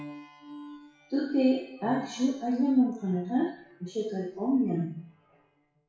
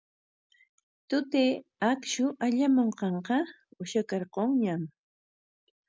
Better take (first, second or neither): second